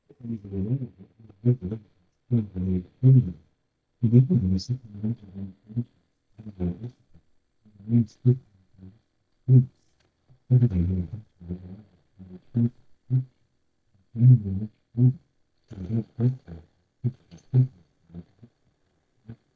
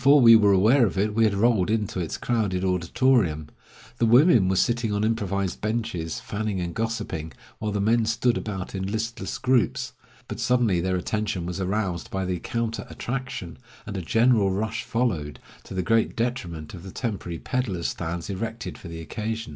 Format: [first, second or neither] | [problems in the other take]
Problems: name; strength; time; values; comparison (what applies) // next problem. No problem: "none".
second | noise reduction (neural mask model DeepFilterNet 3)